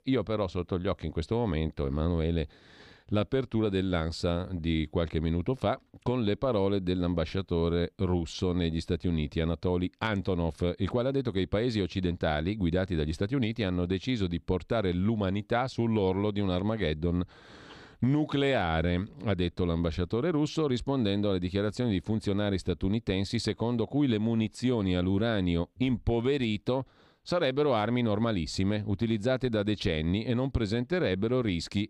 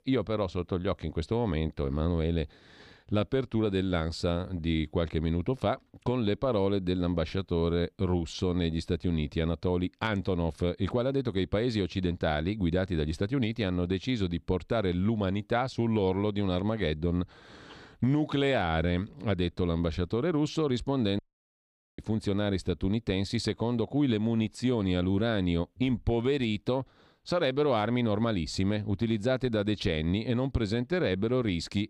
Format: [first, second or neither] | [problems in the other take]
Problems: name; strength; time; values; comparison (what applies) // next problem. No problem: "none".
first | audio cutting out; at 21 s for 1 s